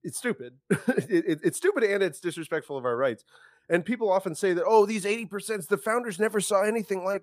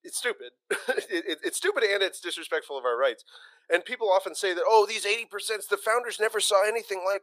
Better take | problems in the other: first | thin; very; fading below 450 Hz

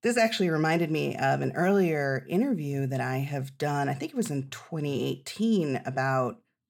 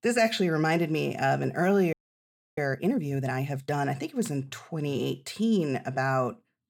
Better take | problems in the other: first | audio freezing; at 2 s for 0.5 s

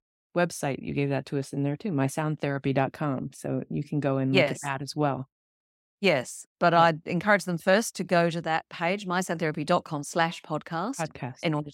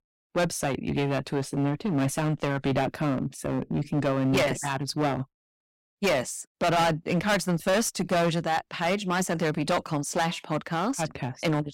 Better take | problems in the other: first | distortion; heavy; 12% of the sound clipped

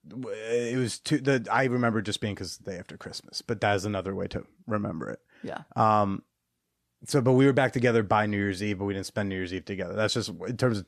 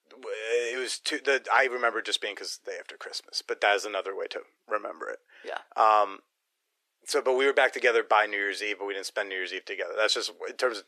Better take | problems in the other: first | thin; very; fading below 400 Hz

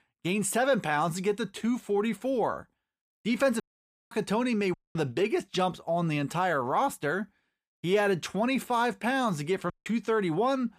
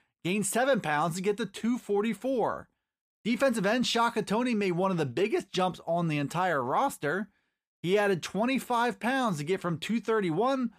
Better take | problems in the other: second | audio cutting out; at 3.5 s for 0.5 s, at 4.5 s and at 9.5 s

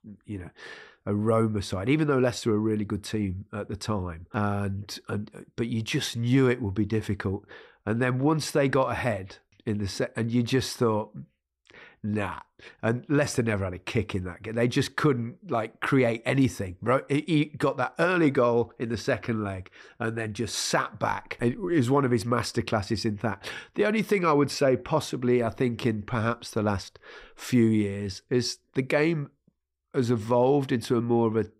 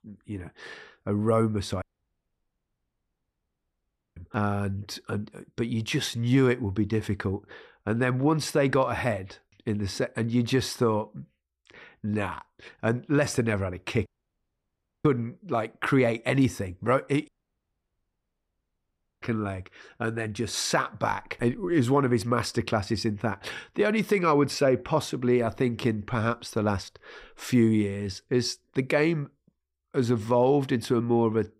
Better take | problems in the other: first | audio cutting out; at 2 s for 2.5 s, at 14 s for 1 s and at 17 s for 2 s

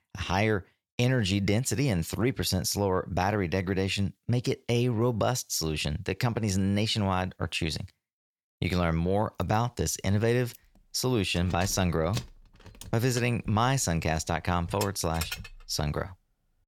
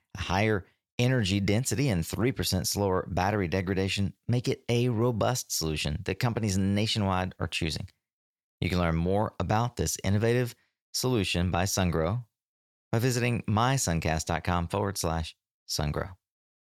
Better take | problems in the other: second | jangling keys; noticeable; from 9.5 to 16 s; peak 8 dB below the speech

